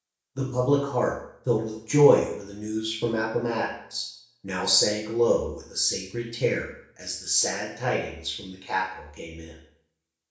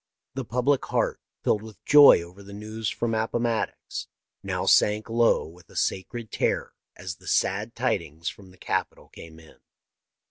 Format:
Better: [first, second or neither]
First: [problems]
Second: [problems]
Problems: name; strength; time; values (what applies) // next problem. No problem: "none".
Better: second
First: room echo; dies away in 0.6 s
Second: none